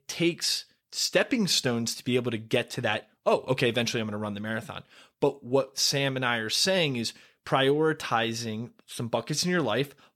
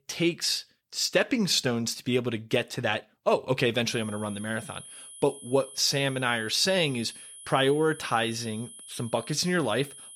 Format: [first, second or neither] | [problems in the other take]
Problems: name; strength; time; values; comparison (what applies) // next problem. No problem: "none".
first | high-pitched whine; noticeable; from 4 s on; 10.5 kHz, 15 dB below the speech